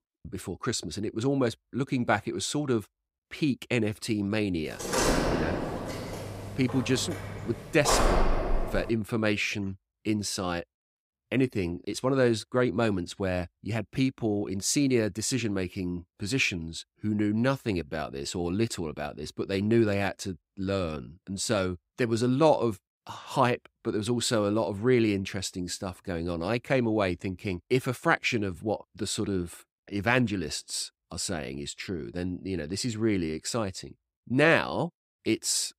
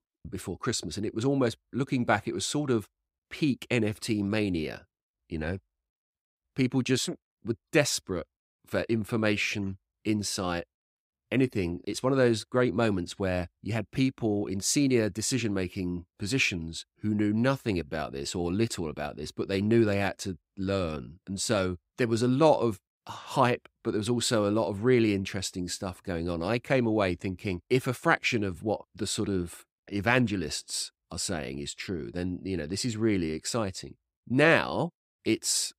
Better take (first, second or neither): second